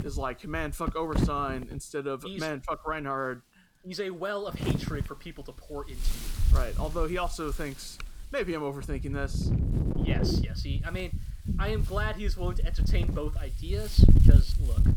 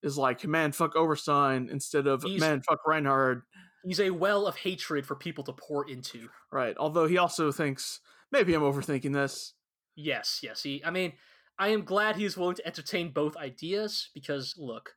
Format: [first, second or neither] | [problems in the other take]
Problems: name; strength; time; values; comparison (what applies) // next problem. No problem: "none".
second | wind noise on the microphone; heavy; 6 dB below the speech